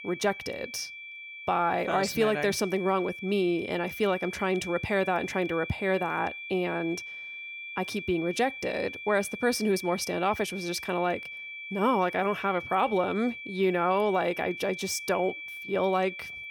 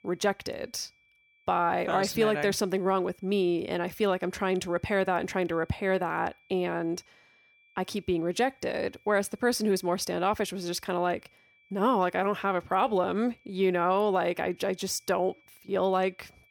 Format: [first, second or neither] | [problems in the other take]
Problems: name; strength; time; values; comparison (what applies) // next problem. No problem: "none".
second | high-pitched whine; loud; throughout; 2.5 kHz, 10 dB below the speech; faint in the second